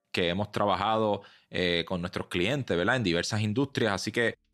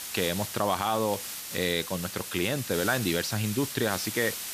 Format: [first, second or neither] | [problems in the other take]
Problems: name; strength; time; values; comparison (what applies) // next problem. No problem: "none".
first | hiss; loud; throughout; 6 dB below the speech